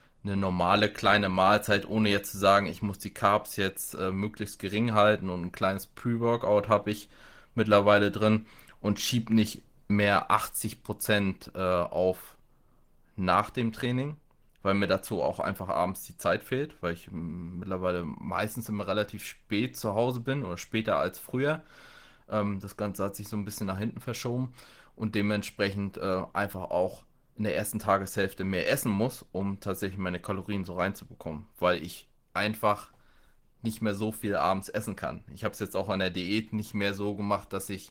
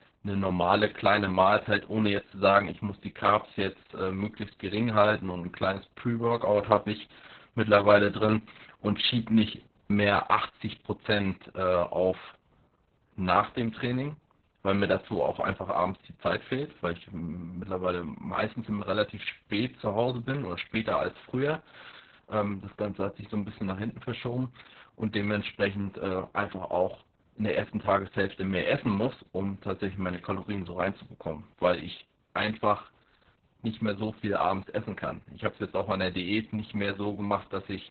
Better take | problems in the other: first | garbled, watery; badly; nothing above 4 kHz; slightly in the first

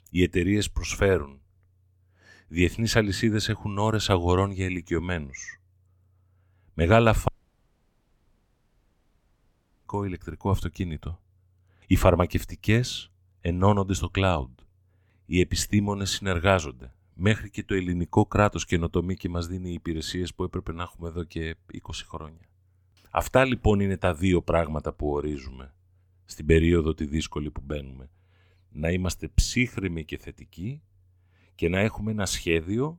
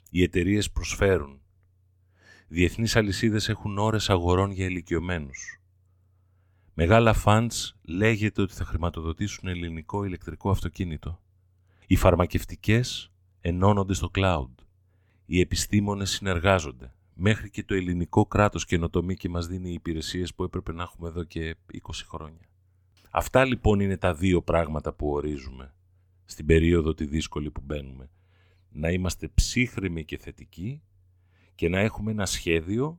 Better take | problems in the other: second | audio cutting out; at 7.5 s for 2.5 s

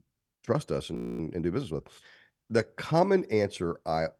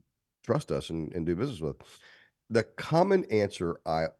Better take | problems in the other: second | audio freezing; at 1 s

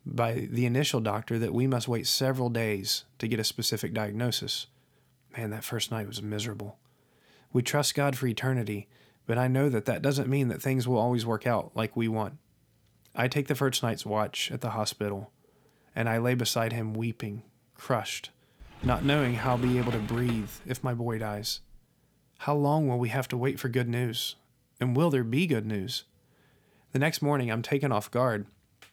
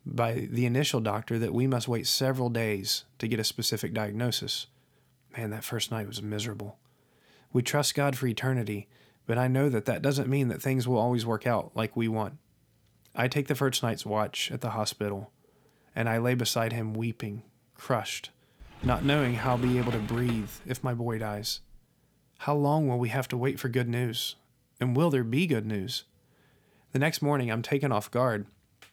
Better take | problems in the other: neither | door banging; noticeable; from 19 to 22 s; peak 8 dB below the speech; the same in both

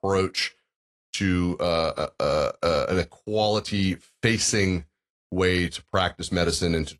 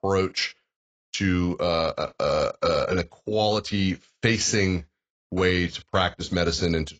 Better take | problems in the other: first | garbled, watery; badly; nothing above 7.5 kHz; slightly in the first

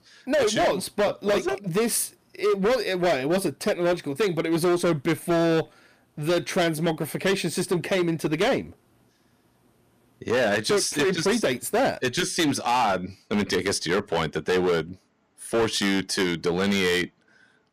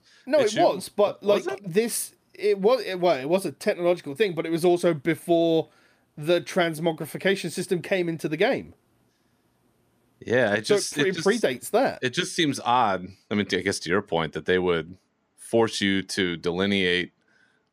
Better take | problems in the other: second | distortion; heavy; 14% of the sound clipped

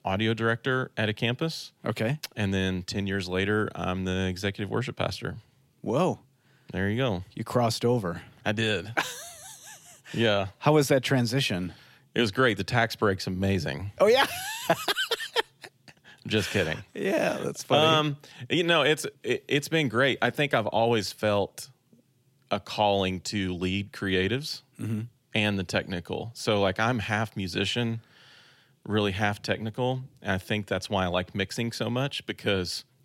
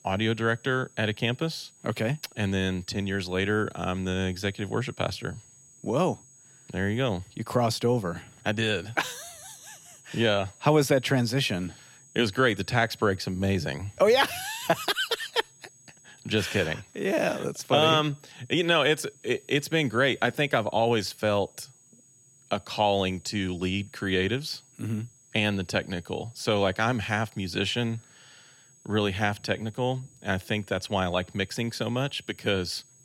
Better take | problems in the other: first | high-pitched whine; faint; throughout; 6.5 kHz, 25 dB below the speech

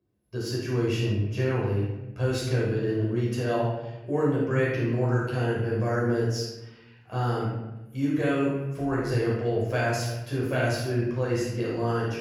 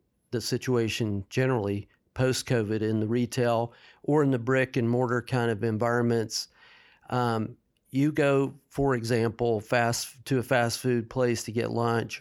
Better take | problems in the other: second | off-mic speech; far // room echo; strong; dies away in 1 s

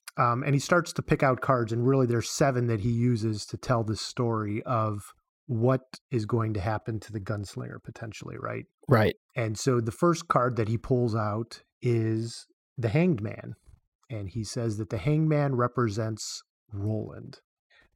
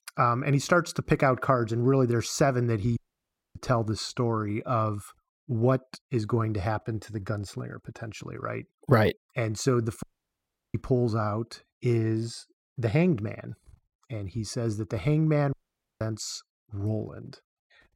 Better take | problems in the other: first | audio cutting out; at 3 s for 0.5 s, at 10 s for 0.5 s and at 16 s

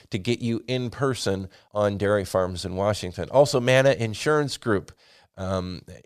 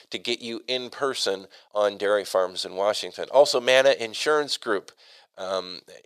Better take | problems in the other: first | thin; somewhat; fading below 500 Hz

